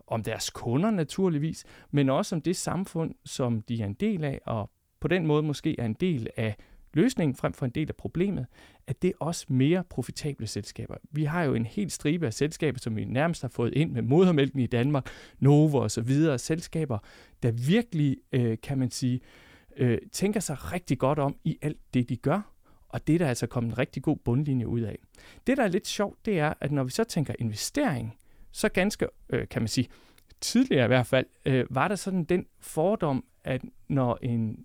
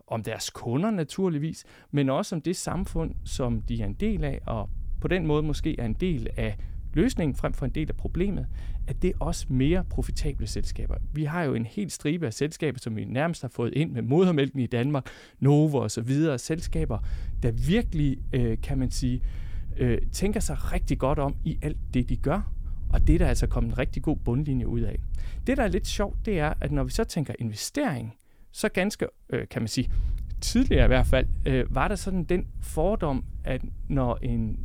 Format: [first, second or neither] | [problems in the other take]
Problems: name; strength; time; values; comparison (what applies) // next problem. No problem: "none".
first | wind noise on the microphone; occasional gusts; from 2.5 to 11 s, from 17 to 27 s and from 30 s on; 25 dB below the speech